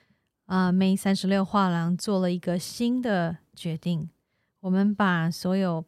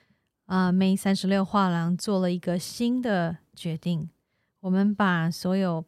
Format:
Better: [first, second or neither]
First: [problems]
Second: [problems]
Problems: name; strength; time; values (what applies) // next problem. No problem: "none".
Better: neither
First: none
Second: none